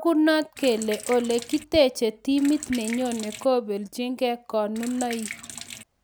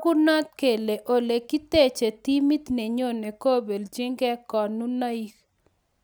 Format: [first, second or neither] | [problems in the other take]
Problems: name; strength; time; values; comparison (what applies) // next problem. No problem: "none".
second | background sound (Sink (filling or washing)); 14 dB below the speech